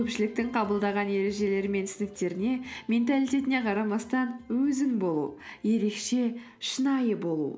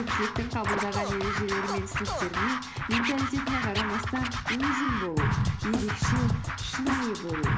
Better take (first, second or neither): first